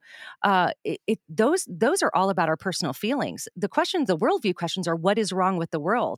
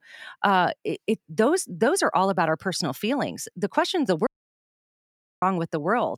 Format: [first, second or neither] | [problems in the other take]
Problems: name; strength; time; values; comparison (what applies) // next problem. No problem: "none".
first | audio cutting out; at 4.5 s for 1 s